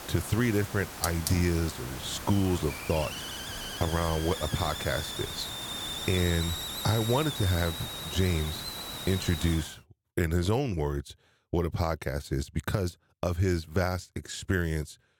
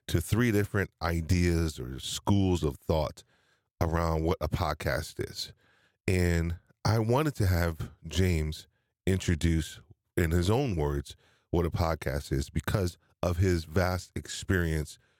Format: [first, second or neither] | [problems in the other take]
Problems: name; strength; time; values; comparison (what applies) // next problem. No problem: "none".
second | hiss; loud; until 9.5 s; 5 dB below the speech